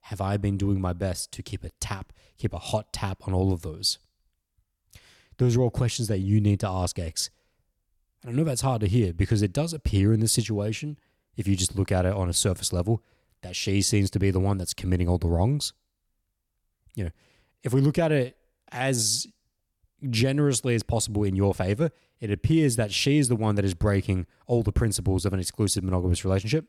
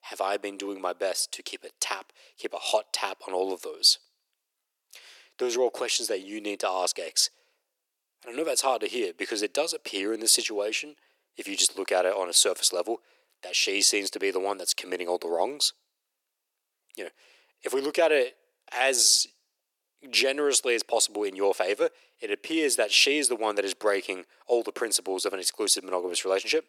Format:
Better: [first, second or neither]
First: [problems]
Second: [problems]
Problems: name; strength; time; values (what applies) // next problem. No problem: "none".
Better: first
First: none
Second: thin; very; fading below 400 Hz